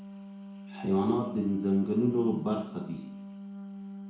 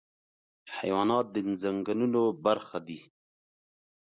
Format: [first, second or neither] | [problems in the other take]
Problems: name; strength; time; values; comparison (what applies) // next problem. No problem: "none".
second | background sound (Wind instrument, woodwind instrument); 12 dB below the speech // room echo; dies away in 0.6 s